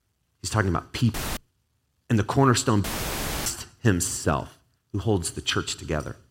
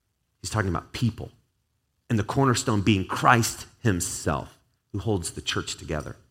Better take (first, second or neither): second